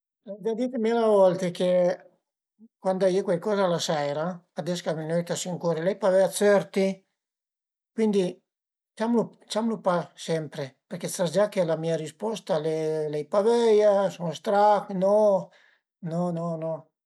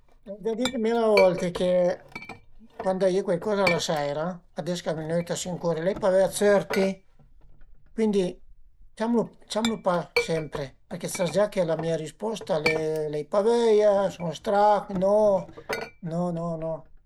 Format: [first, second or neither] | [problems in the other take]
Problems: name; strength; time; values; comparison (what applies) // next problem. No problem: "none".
first | background sound (Chink, clink); 12 dB below the speech